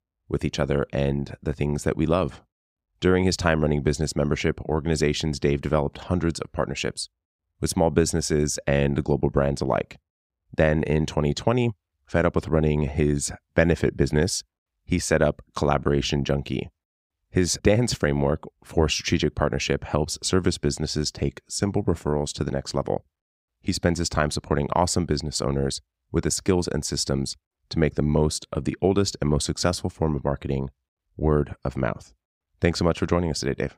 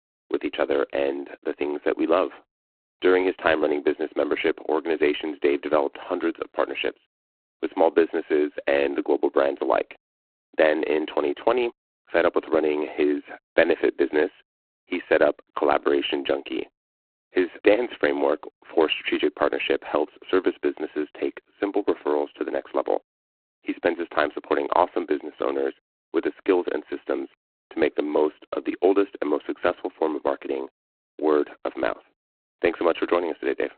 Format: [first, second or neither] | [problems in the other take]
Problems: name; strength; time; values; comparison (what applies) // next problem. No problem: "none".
first | phone-call audio; poor line; nothing above 4 kHz